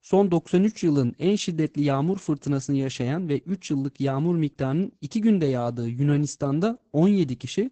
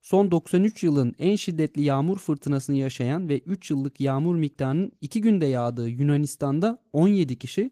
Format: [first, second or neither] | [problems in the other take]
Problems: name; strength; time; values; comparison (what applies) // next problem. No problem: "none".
second | garbled, watery; badly; nothing above 8 kHz; slightly in the second